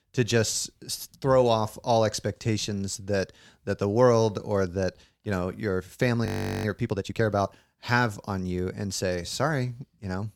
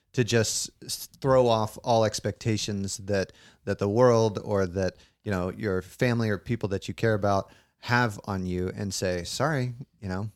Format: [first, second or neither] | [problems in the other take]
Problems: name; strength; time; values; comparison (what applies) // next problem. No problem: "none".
second | audio freezing; at 6.5 s